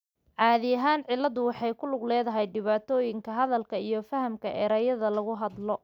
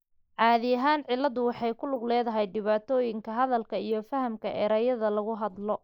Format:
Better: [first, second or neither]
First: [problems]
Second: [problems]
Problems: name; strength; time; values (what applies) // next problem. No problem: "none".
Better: first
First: none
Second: noise reduction (neural mask model Resemble Enhance denoiser)